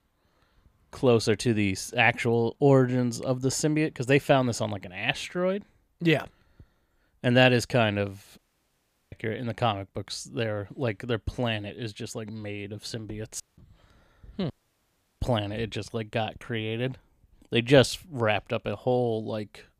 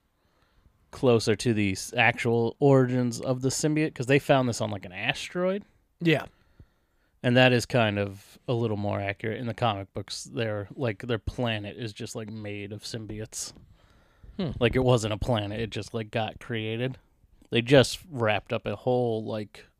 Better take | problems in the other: second | audio cutting out; at 8.5 s for 0.5 s, at 13 s and at 15 s for 0.5 s

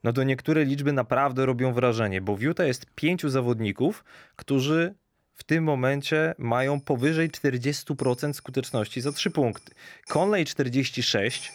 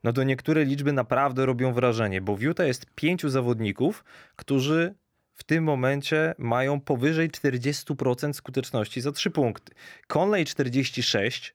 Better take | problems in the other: second | household noises; faint; throughout; 20 dB below the speech

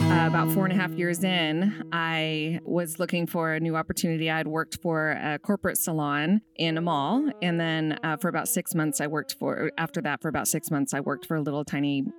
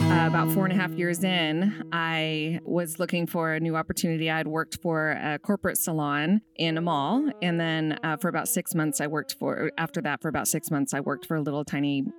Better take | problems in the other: neither | background music; loud; throughout; 6 dB below the speech; the same in both

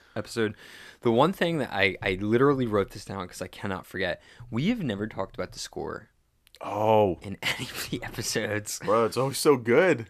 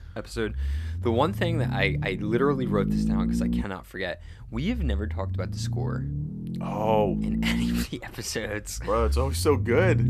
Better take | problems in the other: first | low rumble; loud; throughout; 9 dB below the speech

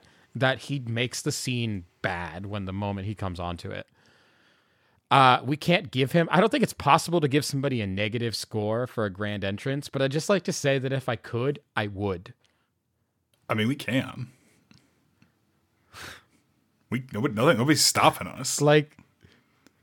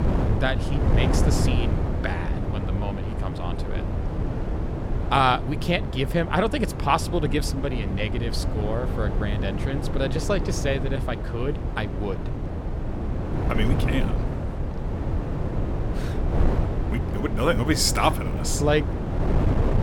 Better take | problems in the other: first | wind noise on the microphone; heavy; 7 dB below the speech

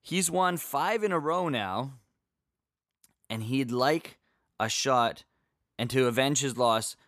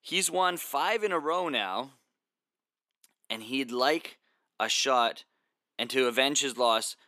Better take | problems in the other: first | thin; very slightly; fading below 250 Hz

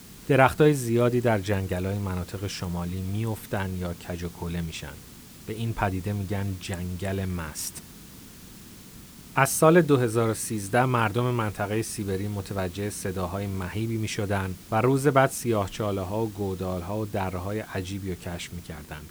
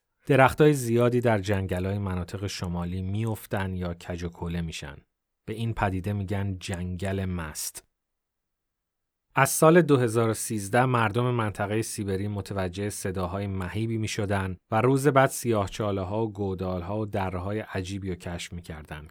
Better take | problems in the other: second | hiss; noticeable; throughout; 20 dB below the speech

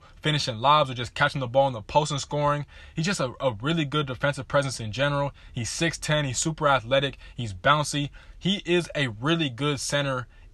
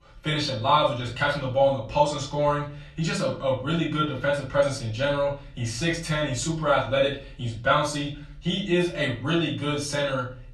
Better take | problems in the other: first | room echo; slight; dies away in 0.4 s // off-mic speech; far

